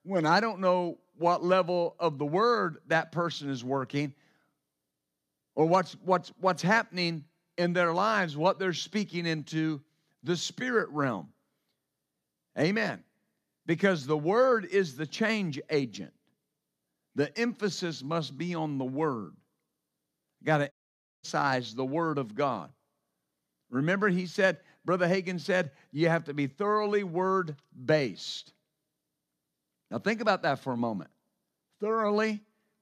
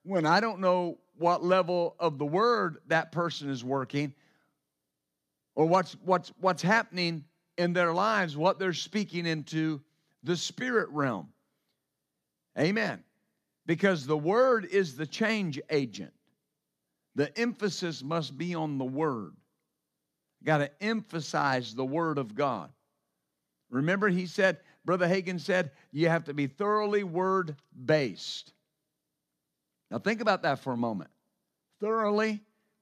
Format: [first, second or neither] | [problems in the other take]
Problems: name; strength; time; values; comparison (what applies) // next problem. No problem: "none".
second | audio cutting out; at 21 s for 0.5 s